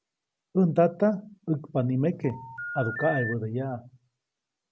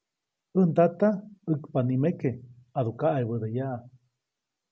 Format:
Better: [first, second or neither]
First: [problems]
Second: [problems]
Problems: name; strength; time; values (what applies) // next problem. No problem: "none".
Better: second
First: background sound (Telephone); 9 dB below the speech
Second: none